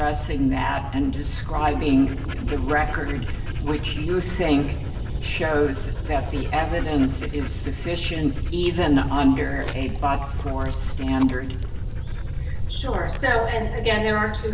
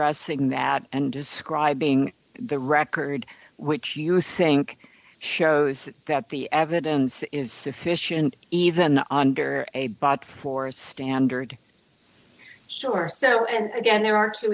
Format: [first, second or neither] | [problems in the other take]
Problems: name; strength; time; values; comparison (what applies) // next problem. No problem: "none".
second | background sound (Dog); 2 dB below the speech // room echo; dies away in 1 s